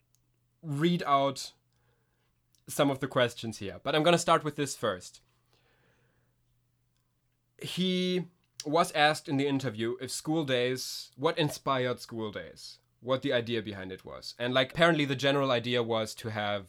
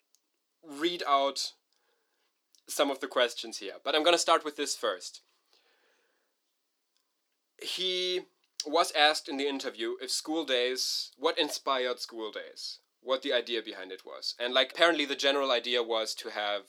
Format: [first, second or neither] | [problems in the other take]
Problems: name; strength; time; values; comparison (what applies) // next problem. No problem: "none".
first | thin; somewhat; fading below 300 Hz